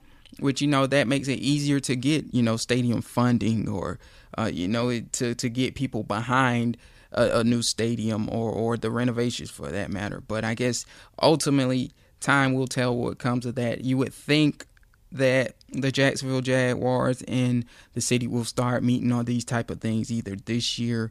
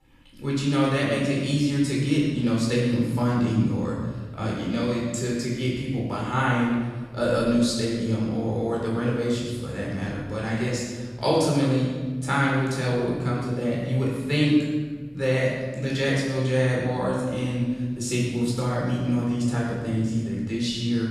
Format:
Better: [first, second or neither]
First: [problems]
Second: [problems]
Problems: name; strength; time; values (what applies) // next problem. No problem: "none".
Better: first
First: none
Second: off-mic speech; far // room echo; strong; dies away in 1.5 s